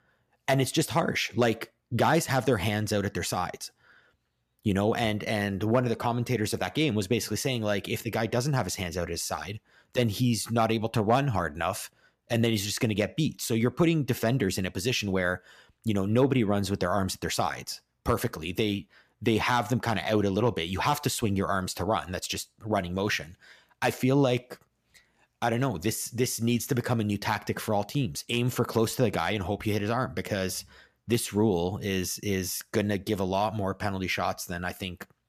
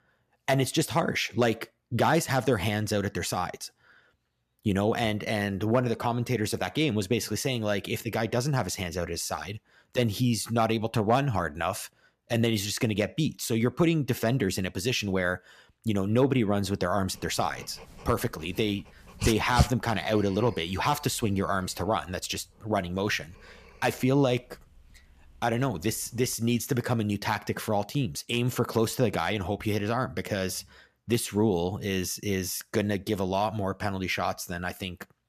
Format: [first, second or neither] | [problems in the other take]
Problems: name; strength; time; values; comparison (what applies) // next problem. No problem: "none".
first | dog barking; loud; at 19 s; peak level with the speech